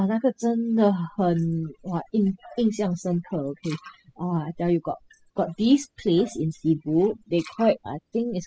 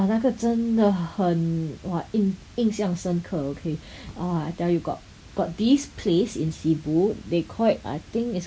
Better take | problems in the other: second | noise reduction (classical method spectral subtraction)

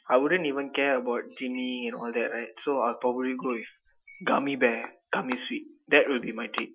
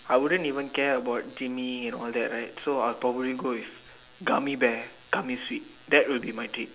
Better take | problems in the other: second | noise reduction (classical method Wiener filter)

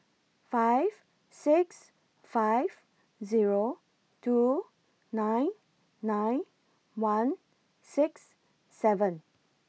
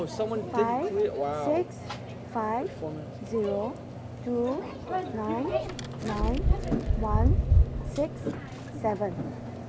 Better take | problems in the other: first | background sound (Microwave oven); 4 dB above the speech

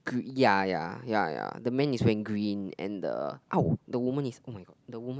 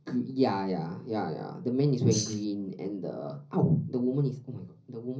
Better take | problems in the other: first | background sound (Tambourine); 6 dB below the speech // room echo; dies away in 0.5 s

